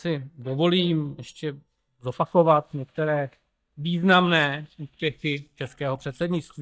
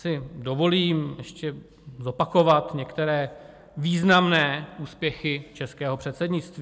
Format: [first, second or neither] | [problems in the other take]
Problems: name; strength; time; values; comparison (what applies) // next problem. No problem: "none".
second | noise reduction (neural mask model DeepFilterNet 3)